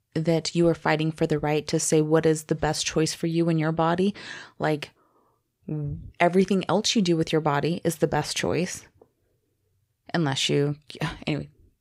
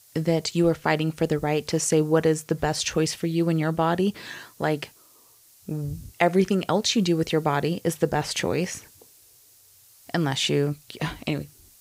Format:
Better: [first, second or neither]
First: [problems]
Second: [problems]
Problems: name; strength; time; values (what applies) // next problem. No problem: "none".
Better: first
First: none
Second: hiss; faint; throughout; 25 dB below the speech